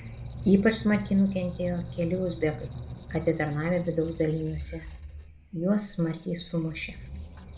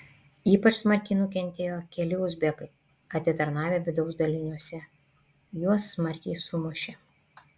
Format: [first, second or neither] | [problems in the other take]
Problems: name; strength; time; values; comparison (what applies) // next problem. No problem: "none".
second | background sound (Squeak); 12 dB below the speech // room echo; dies away in 1.1 s